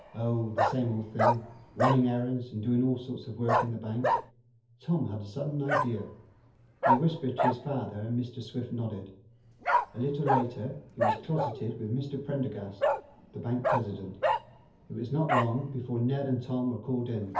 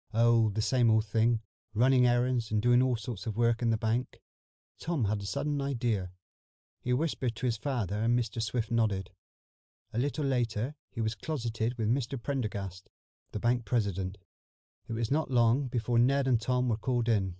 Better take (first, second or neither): second